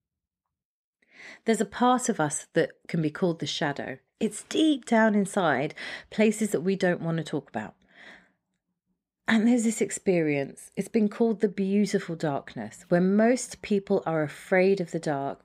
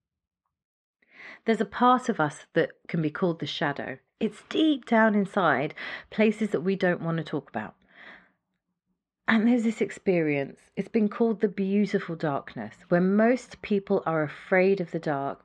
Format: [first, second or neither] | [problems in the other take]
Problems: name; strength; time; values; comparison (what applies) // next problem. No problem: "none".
first | muffled; slightly; fading above 3 kHz